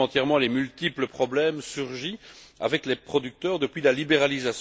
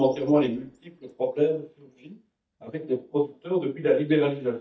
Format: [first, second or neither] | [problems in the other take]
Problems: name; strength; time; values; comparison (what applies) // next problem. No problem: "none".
first | noise reduction (neural mask model DeepFilterNet 3)